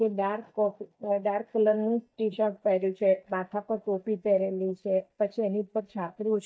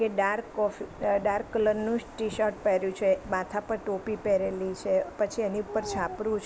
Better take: second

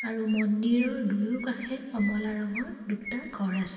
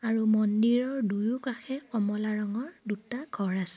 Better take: second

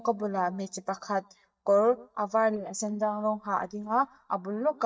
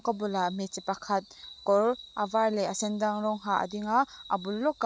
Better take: second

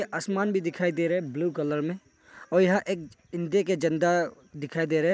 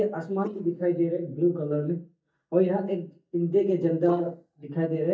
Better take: first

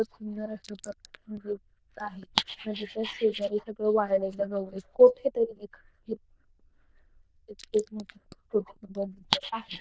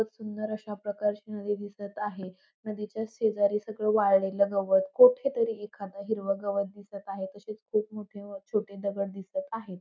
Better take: second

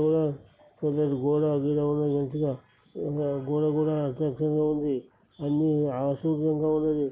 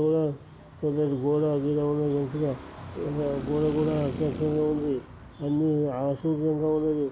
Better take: first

